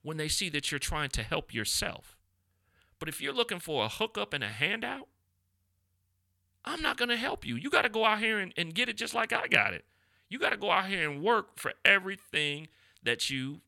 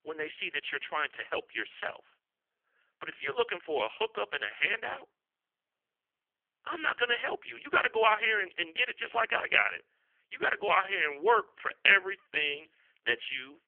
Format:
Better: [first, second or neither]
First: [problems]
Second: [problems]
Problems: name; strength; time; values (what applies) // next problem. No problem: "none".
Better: first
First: none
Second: phone-call audio; poor line; nothing above 3 kHz